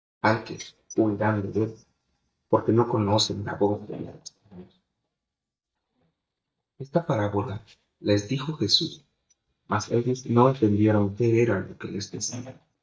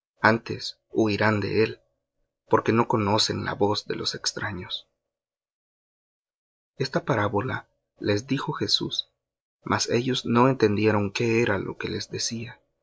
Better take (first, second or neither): second